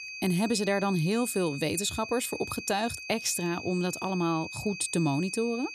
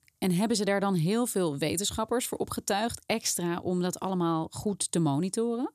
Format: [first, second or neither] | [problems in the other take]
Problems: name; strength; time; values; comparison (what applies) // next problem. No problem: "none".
second | high-pitched whine; loud; throughout; 2.5 kHz, 9 dB below the speech